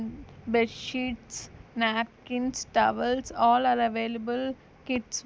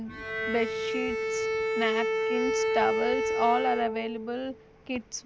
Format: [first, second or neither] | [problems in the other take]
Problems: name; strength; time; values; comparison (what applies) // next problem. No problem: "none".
first | background sound (Bowed string instrument); 2 dB above the speech